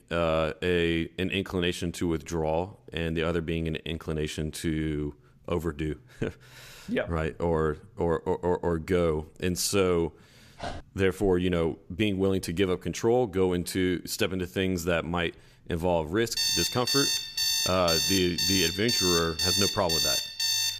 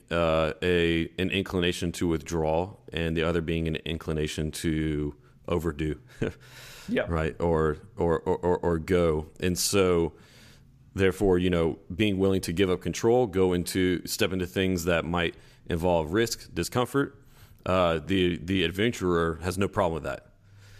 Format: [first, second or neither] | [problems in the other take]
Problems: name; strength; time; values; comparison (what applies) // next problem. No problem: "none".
second | dog barking; faint; at 11 s; peak 10 dB below the speech // alarm; loud; from 16 s on; peak 5 dB above the speech